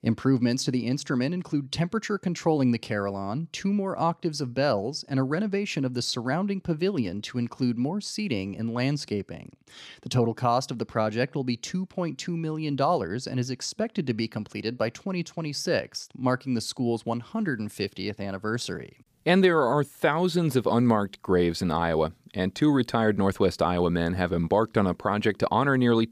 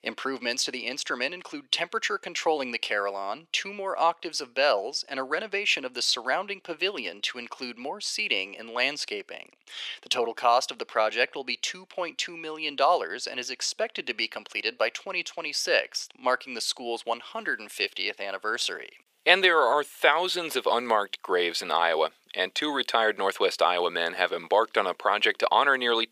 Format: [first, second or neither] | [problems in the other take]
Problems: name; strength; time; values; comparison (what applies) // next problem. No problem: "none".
first | thin; very; fading below 500 Hz